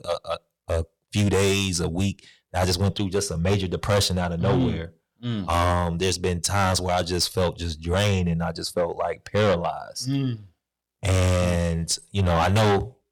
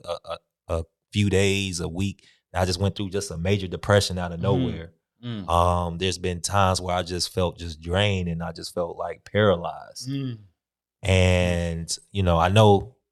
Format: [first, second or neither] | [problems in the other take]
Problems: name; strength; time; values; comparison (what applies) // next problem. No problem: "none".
second | distortion; heavy; 5 dB below the speech